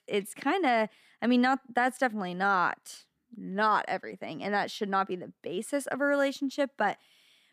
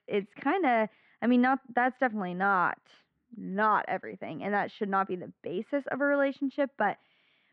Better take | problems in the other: first | muffled; very; fading above 2.5 kHz

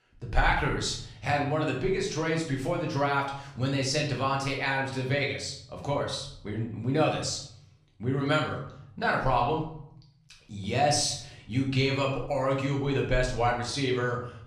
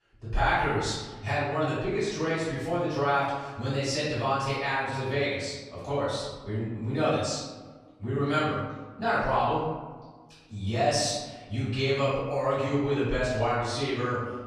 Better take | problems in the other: first | room echo; strong; dies away in 1.2 s; slight in the first // off-mic speech; far; far in the first

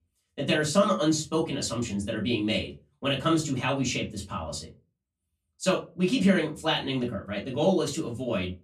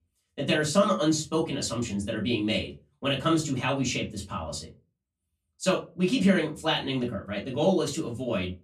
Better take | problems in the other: neither | off-mic speech; far; the same in both // room echo; very slight; dies away in 0.2 s; the same in both

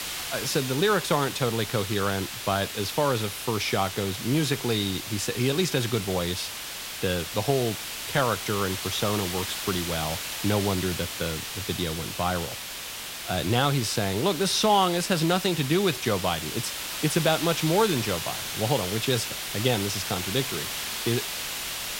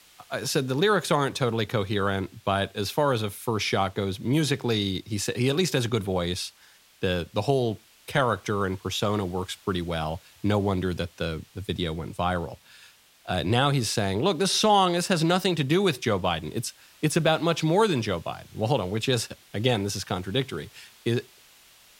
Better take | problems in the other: second | hiss; loud; throughout; 5 dB below the speech; faint in the second

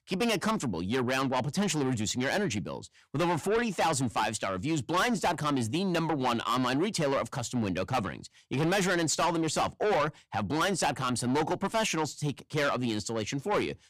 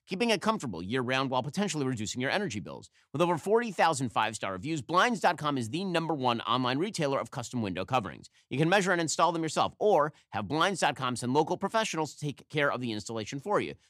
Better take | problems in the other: second | distortion; heavy; 6 dB below the speech

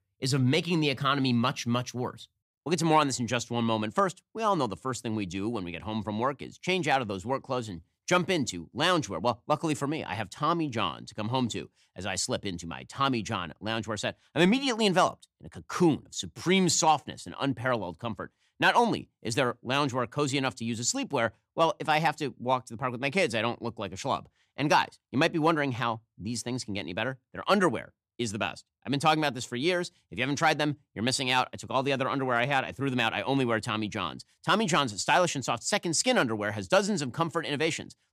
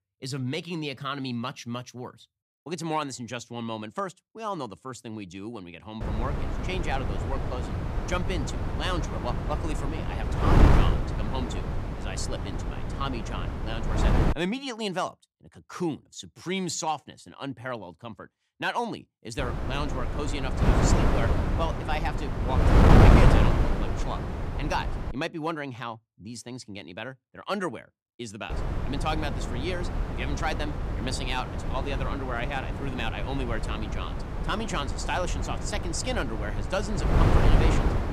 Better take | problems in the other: first | wind noise on the microphone; heavy; from 6 to 14 s, from 19 to 25 s and from 29 s on; 1 dB above the speech

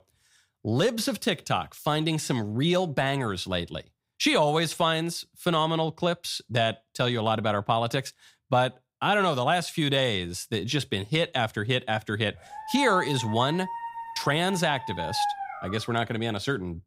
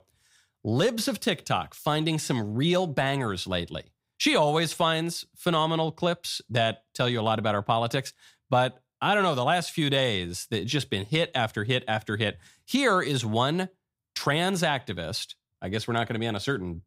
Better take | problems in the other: second | dog barking; noticeable; from 13 to 16 s; peak 3 dB below the speech

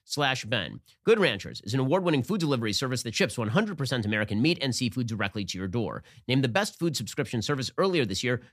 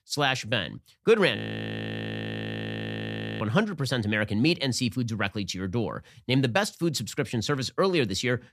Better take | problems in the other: first | audio freezing; at 1.5 s for 2 s

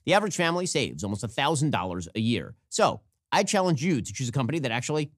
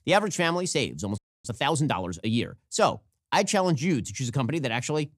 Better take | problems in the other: first | audio freezing; at 1 s

